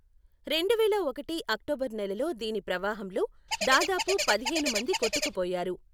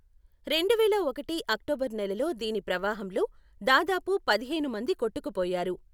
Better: second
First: background sound (Bird); 2 dB below the speech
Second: none

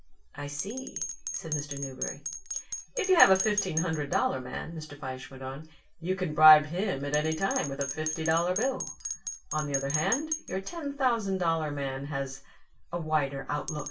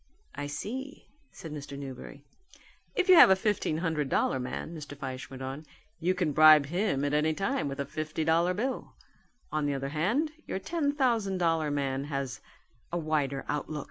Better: second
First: background sound (Bell); 10 dB below the speech // room echo; dies away in 0.2 s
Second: none

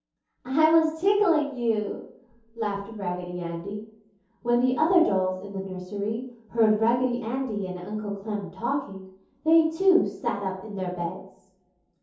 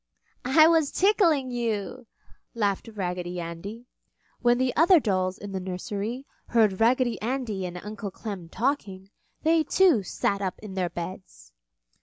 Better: second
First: room echo; dies away in 0.6 s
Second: none

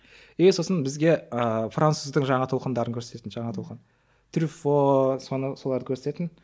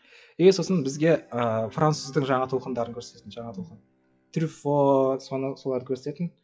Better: first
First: none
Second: noise reduction (classical method WPE with log-MMSE)

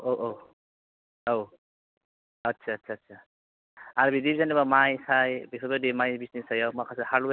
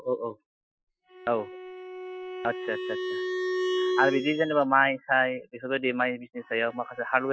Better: first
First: none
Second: noise reduction (classical method Wiener filter)

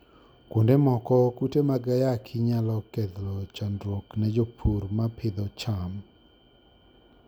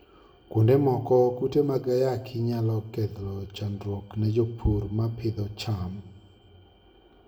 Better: first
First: none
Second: room echo; dies away in 0.6 s

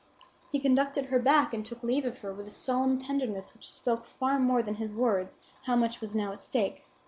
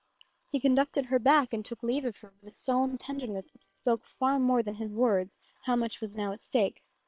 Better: first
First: none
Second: noise reduction (neural separator model SepFormer WHAM!)

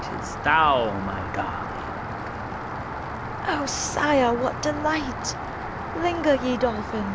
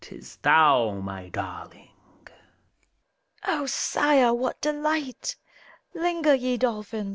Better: second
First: background sound (Rain); 5 dB below the speech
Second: none

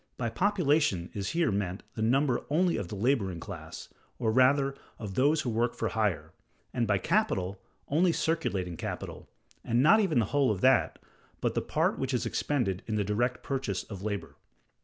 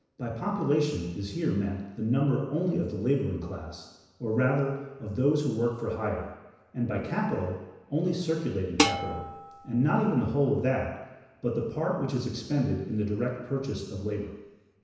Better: first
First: none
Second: background sound (Dishes, pots, and pans); 3 dB below the speech // room echo; dies away in 1 s

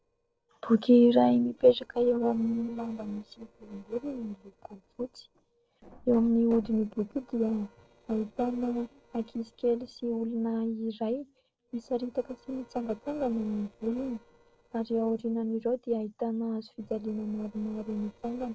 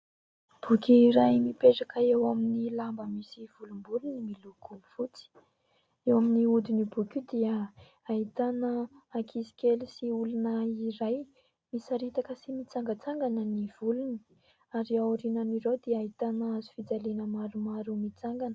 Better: second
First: noise reduction (neural separator model SepFormer DNS4)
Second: none

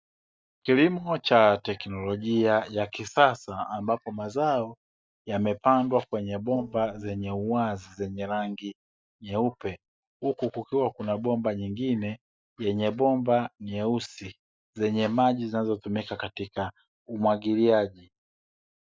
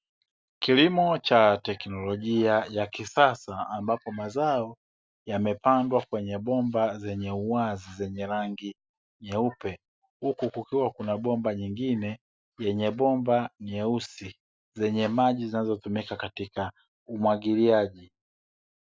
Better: second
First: noise reduction (neural mask model DeepFilterNet 3)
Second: none

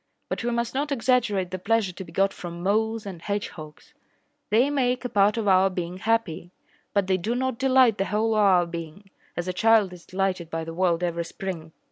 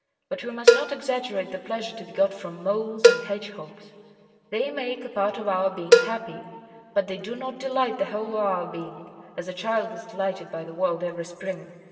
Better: first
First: none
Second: background sound (Cowbell); 3 dB above the speech // room echo; dies away in 2.2 s

